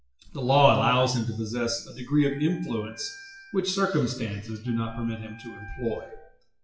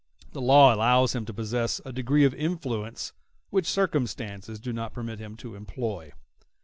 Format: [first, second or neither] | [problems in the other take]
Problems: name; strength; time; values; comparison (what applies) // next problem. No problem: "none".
second | noise reduction (classical method WPE with log-MMSE)